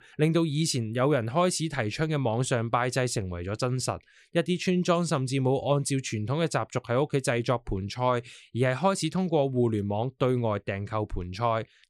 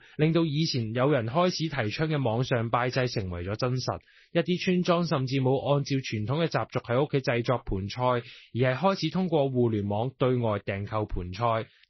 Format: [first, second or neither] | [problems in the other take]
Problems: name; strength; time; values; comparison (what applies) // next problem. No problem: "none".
first | garbled, watery; slightly; nothing above 6 kHz